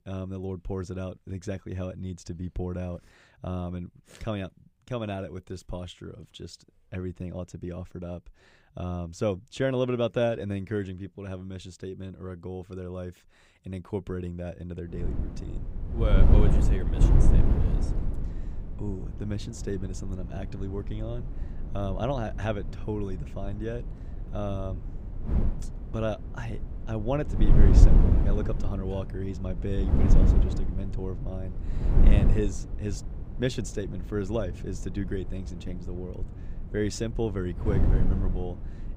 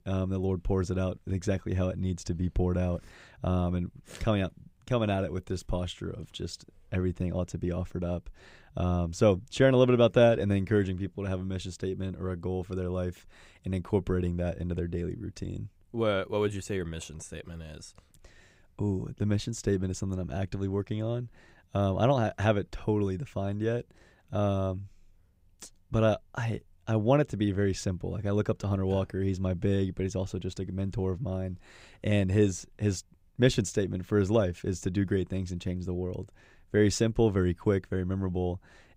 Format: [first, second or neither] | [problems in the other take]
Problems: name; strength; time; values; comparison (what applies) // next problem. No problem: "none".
second | wind noise on the microphone; heavy; from 15 s on; 4 dB below the speech